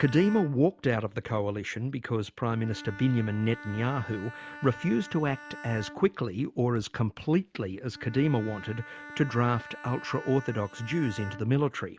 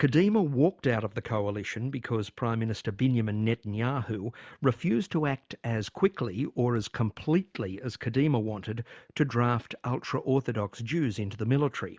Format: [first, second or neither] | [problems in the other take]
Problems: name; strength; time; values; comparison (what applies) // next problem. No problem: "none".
second | background sound (Bowed string instrument); 17 dB below the speech